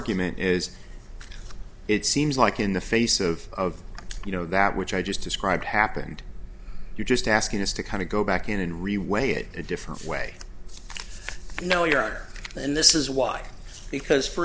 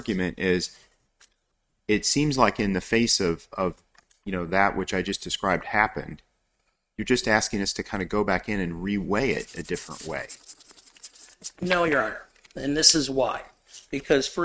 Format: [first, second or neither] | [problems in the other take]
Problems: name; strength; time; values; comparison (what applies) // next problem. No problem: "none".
first | noise reduction (neural mask model RNNoise)